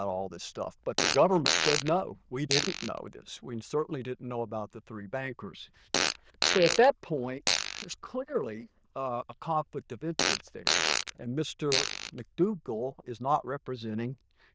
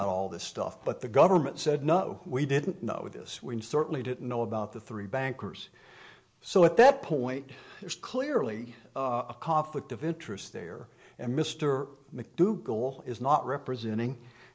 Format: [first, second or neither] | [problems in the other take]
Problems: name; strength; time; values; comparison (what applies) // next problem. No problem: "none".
second | noise reduction (neural diffusion model UNIVERSE++)